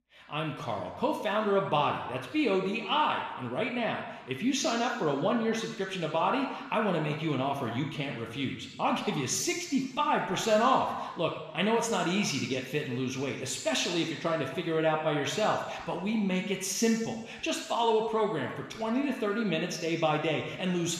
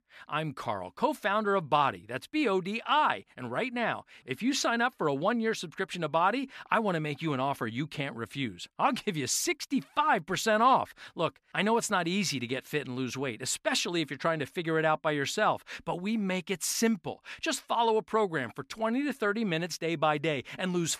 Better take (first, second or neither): second